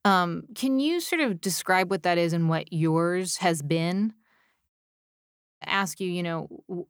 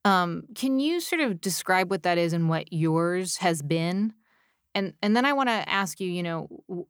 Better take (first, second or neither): second